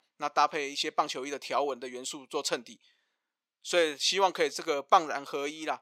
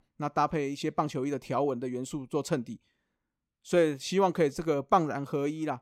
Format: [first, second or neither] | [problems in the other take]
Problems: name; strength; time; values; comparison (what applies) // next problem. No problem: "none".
second | thin; somewhat; fading below 550 Hz